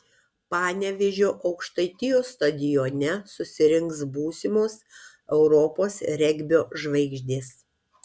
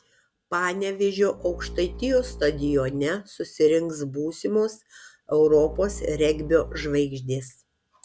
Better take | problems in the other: first | background sound (Bowed string instrument); 13 dB below the speech

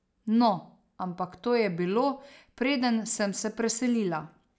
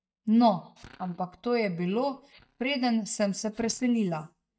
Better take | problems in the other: first | noise reduction (neural mask model DeepFilterNet 3)

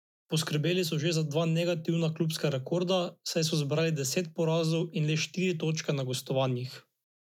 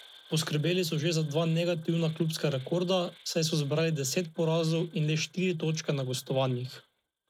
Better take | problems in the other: first | noise reduction (neural mask model RNNoise)

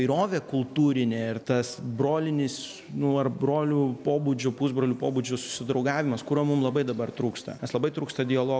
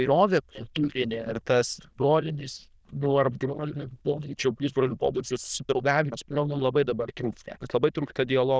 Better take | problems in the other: first | noise reduction (neural diffusion model UNIVERSE++)

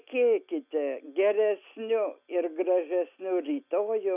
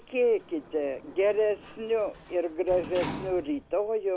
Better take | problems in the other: first | background sound (Sliding door); 15 dB below the speech

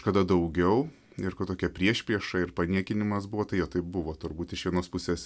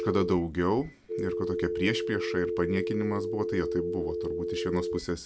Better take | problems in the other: first | background sound (Telephone); 2 dB below the speech

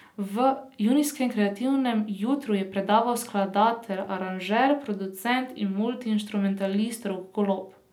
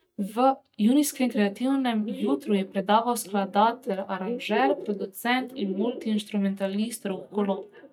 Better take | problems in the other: first | noise reduction (neural mask model DeepFilterNet 3)

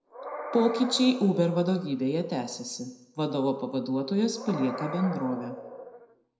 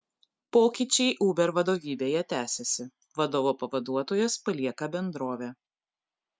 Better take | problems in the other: second | background sound (Animal); 13 dB below the speech // room echo; dies away in 0.8 s

